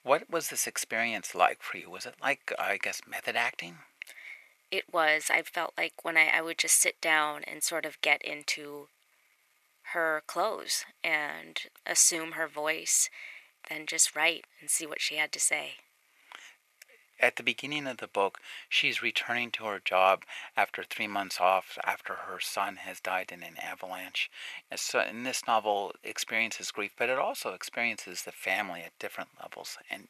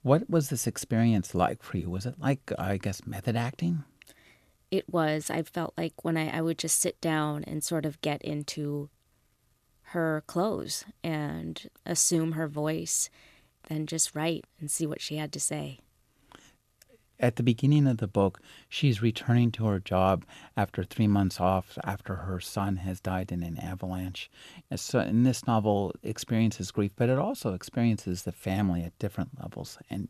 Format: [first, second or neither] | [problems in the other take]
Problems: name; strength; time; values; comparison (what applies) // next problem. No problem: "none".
second | thin; very; fading below 800 Hz